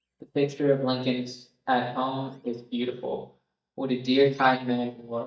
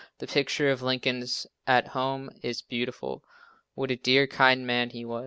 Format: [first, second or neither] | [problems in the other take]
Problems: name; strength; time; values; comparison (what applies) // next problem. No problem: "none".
second | noise reduction (neural mask model DeepFilterNet 3)